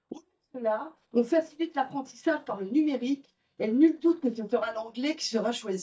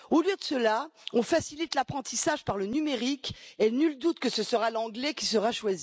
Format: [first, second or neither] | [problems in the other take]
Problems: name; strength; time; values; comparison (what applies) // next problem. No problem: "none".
second | noise reduction (neural mask model DeepFilterNet 3)